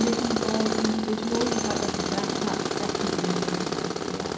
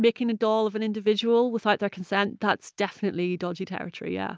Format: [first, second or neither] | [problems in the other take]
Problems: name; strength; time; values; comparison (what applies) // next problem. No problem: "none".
second | background sound (Tools); 2 dB above the speech // room echo; dies away in 0.6 s